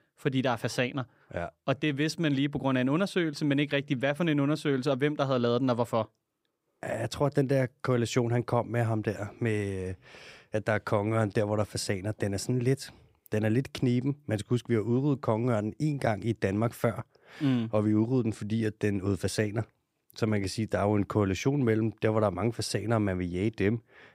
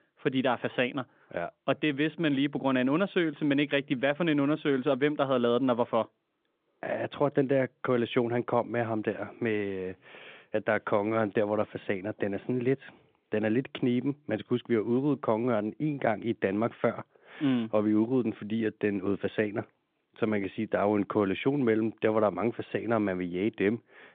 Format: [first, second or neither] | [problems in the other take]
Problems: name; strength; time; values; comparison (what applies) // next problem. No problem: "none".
first | phone-call audio; nothing above 3.5 kHz